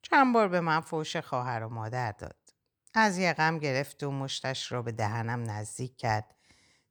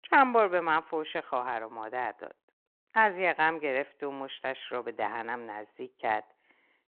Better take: first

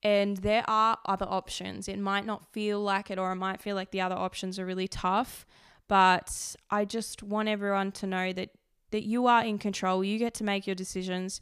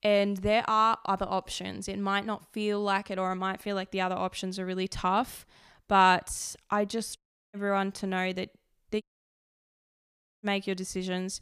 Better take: first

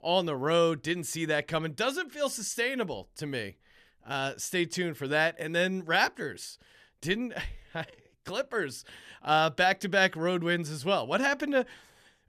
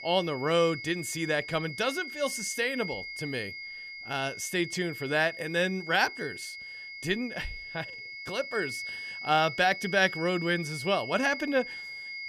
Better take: first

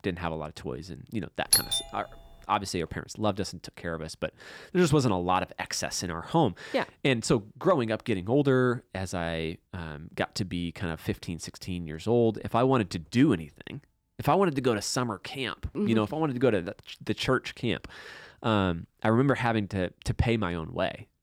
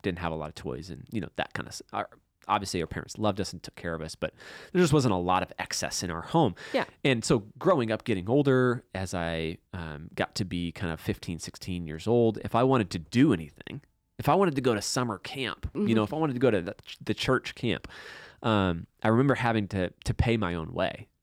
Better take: second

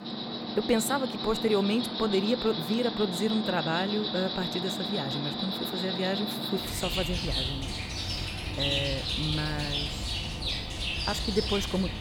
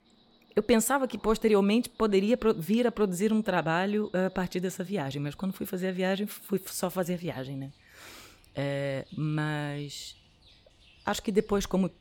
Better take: second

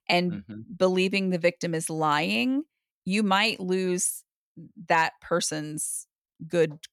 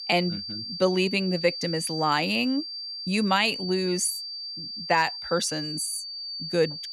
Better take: first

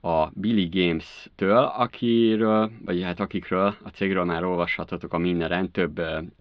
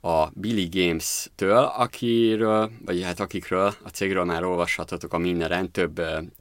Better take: second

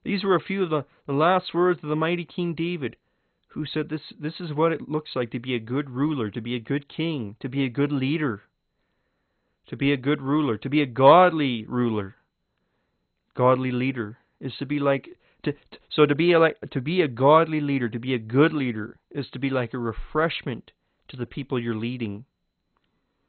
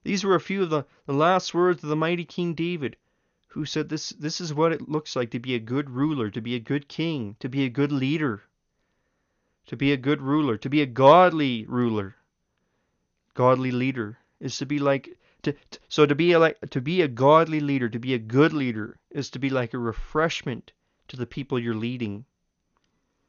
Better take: second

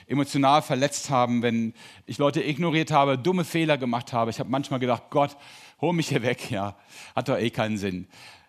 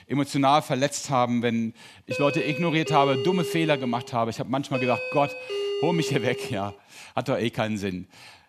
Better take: first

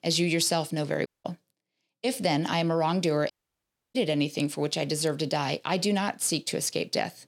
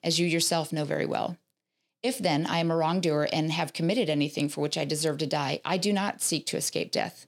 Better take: second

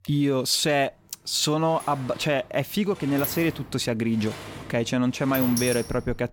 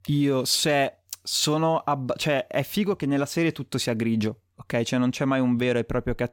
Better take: second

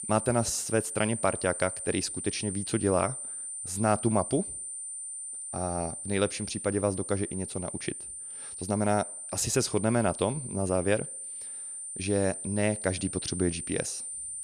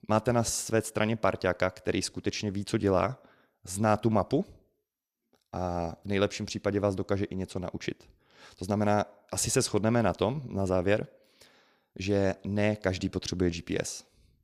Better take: second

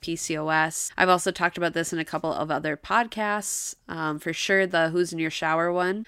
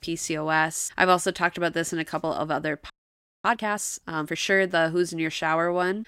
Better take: first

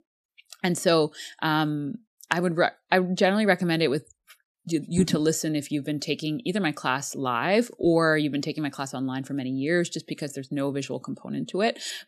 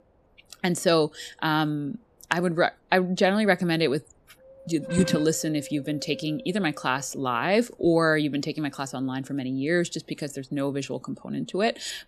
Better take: first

